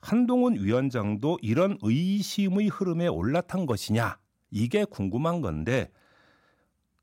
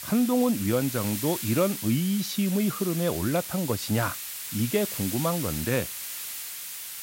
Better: first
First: none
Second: hiss; loud; throughout; 6 dB below the speech

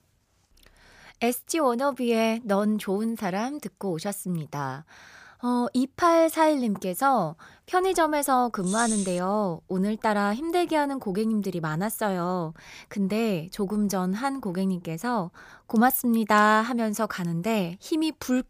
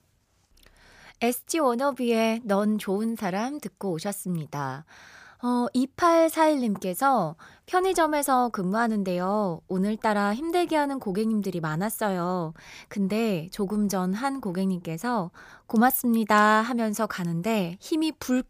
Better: second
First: jangling keys; noticeable; at 8.5 s; peak 4 dB below the speech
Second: none

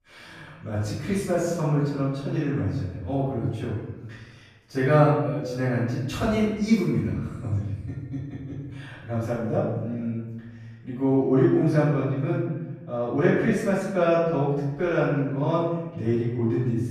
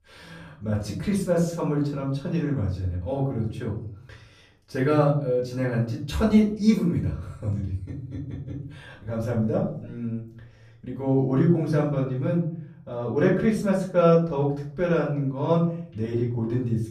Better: second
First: room echo; strong; dies away in 1.1 s // off-mic speech; far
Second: room echo; slight; dies away in 0.7 s // off-mic speech; far

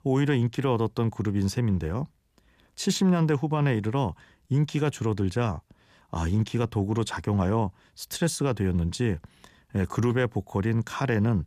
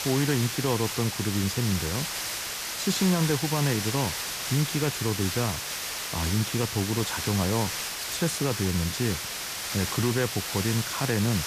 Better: first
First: none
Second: hiss; loud; throughout; 2 dB below the speech

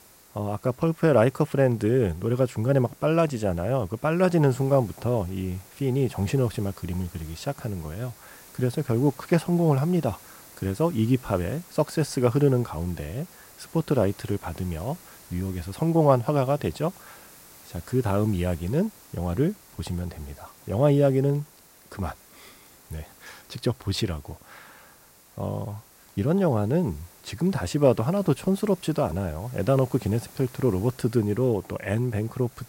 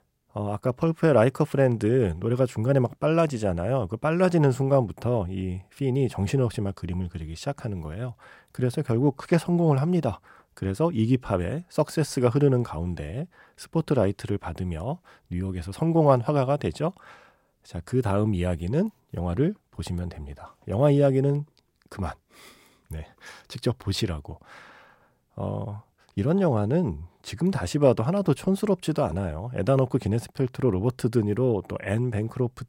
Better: second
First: hiss; faint; throughout; 25 dB below the speech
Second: none

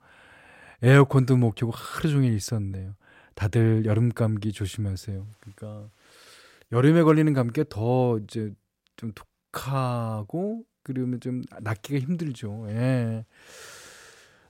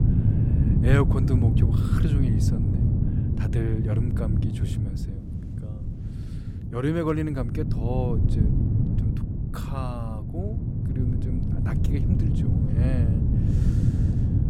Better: first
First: none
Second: wind noise on the microphone; heavy; 2 dB below the speech

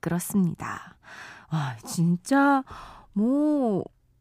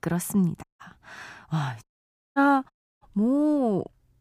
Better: first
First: none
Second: audio cutting out; at 0.5 s, at 2 s for 0.5 s and at 2.5 s

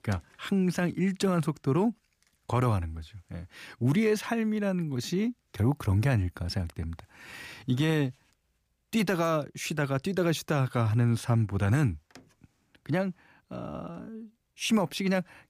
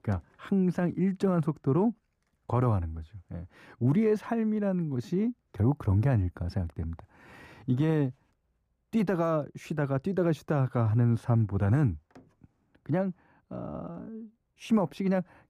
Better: first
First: none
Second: muffled; slightly; fading above 2 kHz

